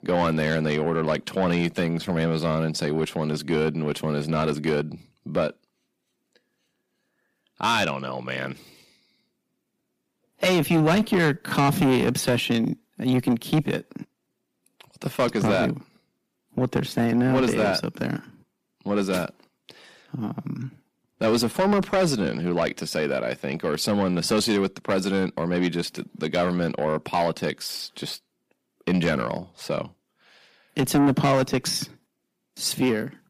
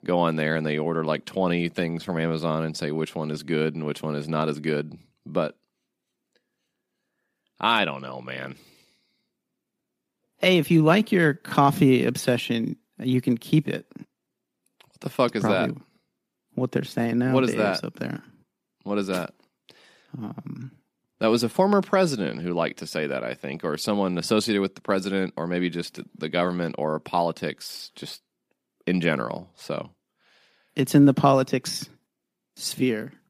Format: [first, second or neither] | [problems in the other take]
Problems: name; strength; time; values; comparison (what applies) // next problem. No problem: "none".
second | distortion; heavy; 8 dB below the speech